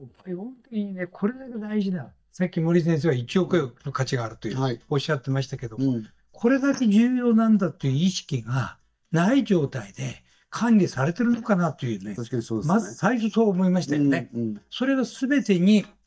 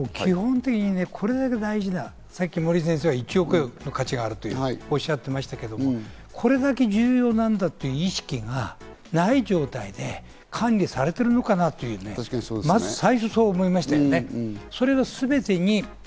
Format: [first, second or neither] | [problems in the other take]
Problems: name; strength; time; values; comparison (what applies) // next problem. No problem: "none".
second | noise reduction (neural mask model DeepFilterNet 3)